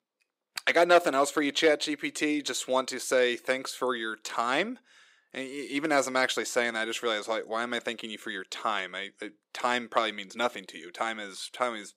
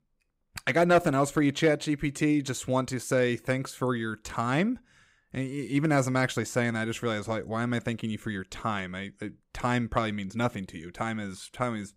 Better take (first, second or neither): second